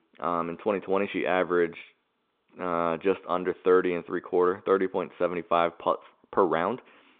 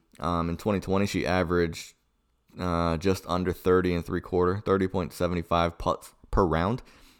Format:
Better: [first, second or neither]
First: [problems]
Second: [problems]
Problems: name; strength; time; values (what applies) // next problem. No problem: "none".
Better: second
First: phone-call audio; nothing above 3.5 kHz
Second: none